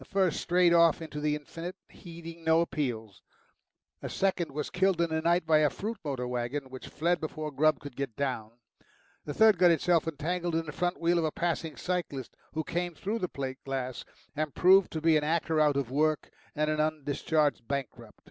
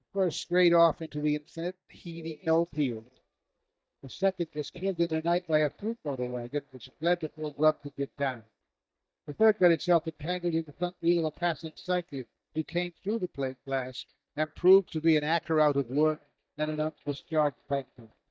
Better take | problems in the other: first | noise reduction (neural mask model DeepFilterNet 3)

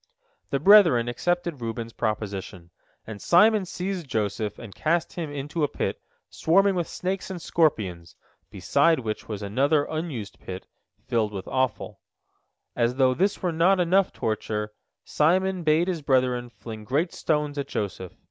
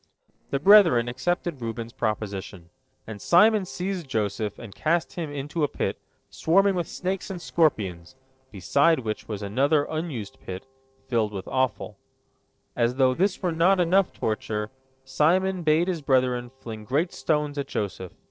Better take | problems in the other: first | noise reduction (neural separator model SepFormer DNS4)

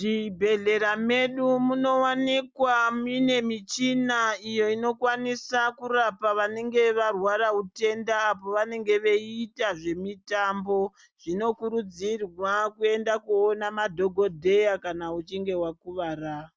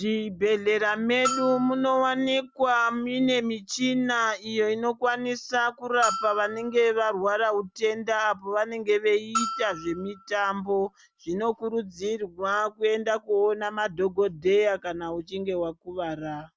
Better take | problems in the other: first | background sound (Bell); 10 dB below the speech

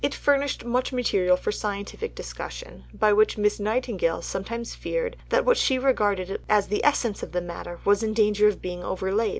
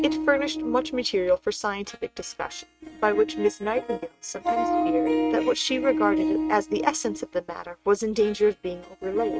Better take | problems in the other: first | noise reduction (neural mask model RNNoise)

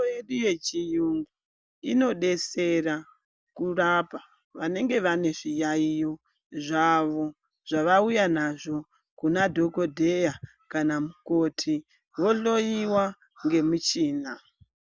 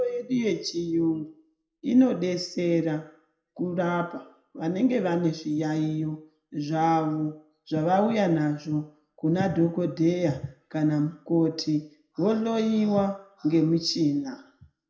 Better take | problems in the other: first | room echo; dies away in 0.5 s

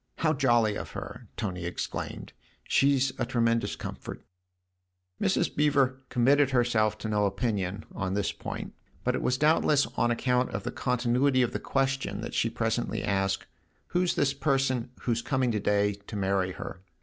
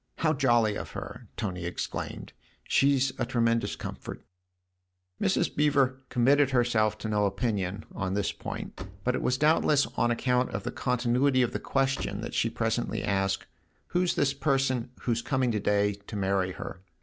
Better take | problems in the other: first | background sound (Slam); 16 dB below the speech

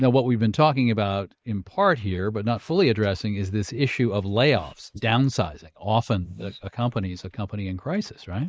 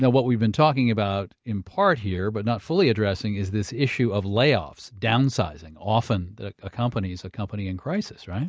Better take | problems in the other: second | noise reduction (neural mask model Resemble Enhance denoiser)

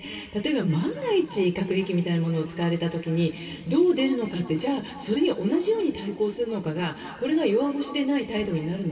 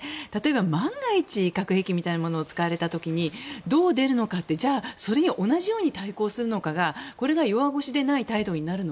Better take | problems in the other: second | room echo; dies away in 2.9 s

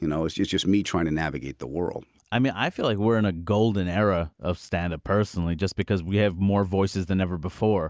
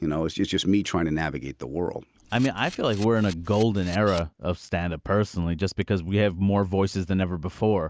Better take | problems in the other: first | background sound (Camera); 19 dB below the speech

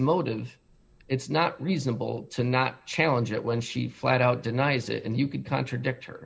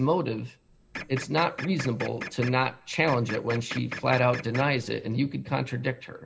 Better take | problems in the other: first | background sound (Printer); 11 dB below the speech

